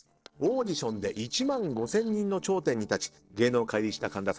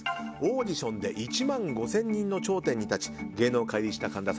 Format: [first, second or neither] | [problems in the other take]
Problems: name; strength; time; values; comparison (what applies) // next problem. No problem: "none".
second | noise reduction (neural separator model SepFormer DNS4)